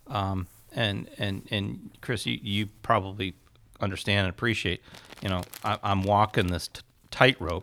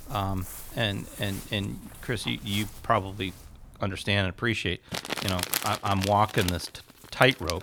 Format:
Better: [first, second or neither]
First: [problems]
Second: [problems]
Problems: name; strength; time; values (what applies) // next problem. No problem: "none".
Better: first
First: household noises; faint; throughout; 25 dB below the speech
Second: household noises; loud; throughout; 7 dB below the speech